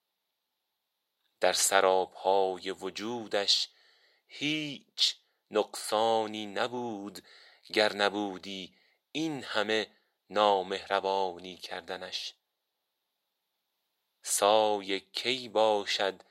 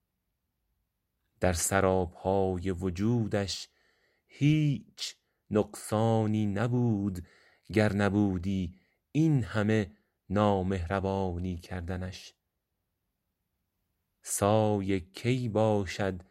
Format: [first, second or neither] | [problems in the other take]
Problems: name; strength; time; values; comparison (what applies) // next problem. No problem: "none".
second | thin; very; fading below 550 Hz